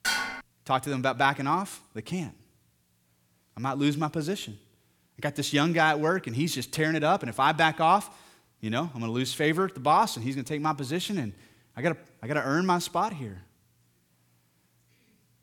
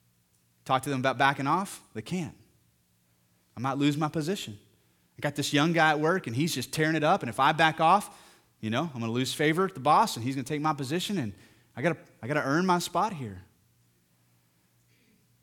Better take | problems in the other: second | clattering dishes; noticeable; at the start; peak 1 dB below the speech

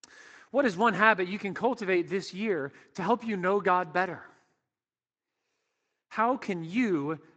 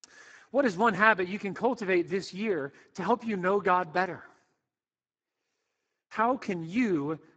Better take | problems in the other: first | garbled, watery; badly; nothing above 7.5 kHz; slightly in the first

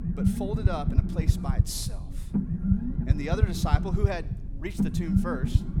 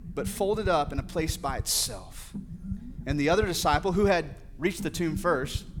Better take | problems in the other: second | low rumble; loud; throughout; 2 dB below the speech; faint in the second

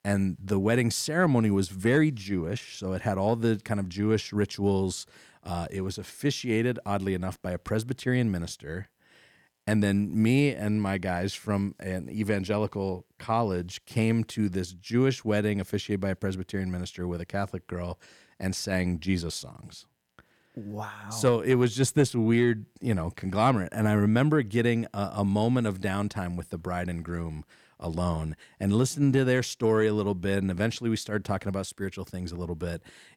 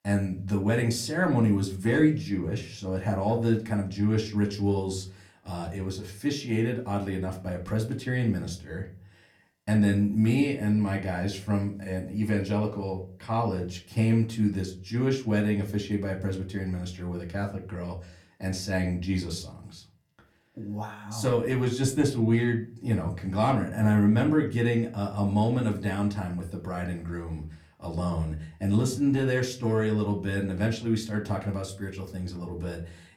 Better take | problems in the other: first | off-mic speech; far // room echo; very slight; dies away in 0.3 s

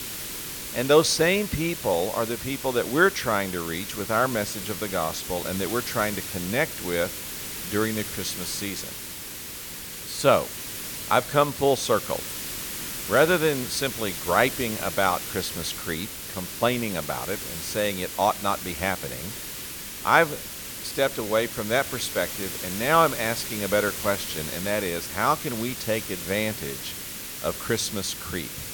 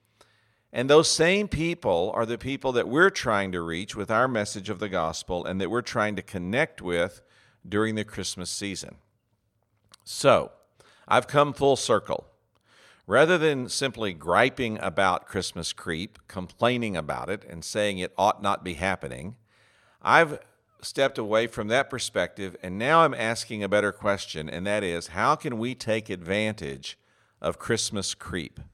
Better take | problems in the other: second | hiss; loud; throughout; 7 dB below the speech

